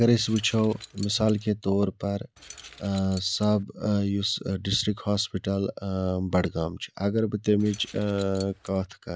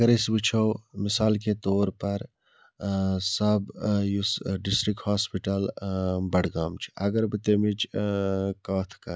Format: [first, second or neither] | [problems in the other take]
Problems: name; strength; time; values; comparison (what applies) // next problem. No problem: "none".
second | background sound (Keys jangling); 20 dB below the speech